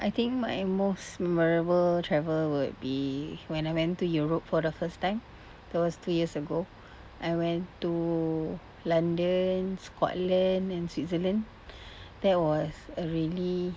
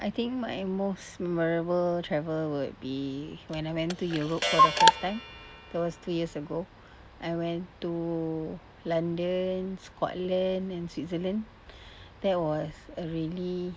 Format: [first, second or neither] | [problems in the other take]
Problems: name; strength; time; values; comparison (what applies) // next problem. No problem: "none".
first | background sound (Clock); 4 dB above the speech